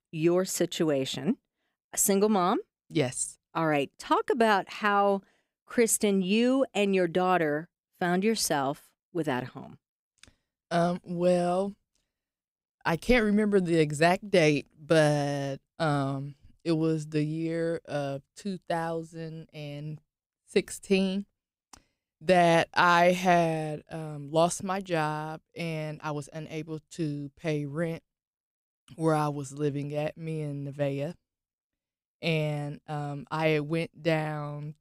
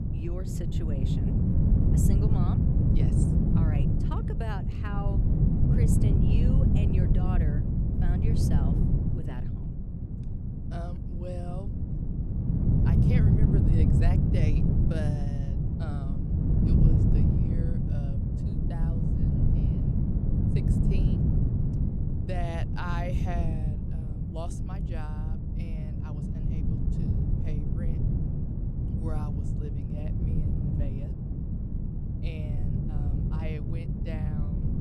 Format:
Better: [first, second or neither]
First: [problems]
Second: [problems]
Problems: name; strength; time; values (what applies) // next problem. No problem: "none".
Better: first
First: none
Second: wind noise on the microphone; heavy; 4 dB above the speech